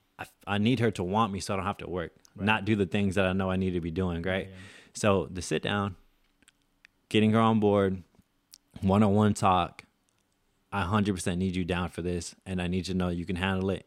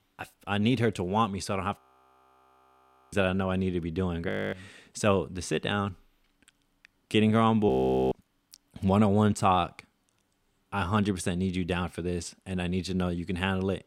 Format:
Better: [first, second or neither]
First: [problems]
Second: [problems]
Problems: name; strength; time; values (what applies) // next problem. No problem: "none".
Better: first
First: none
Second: audio freezing; at 2 s for 1.5 s, at 4.5 s and at 7.5 s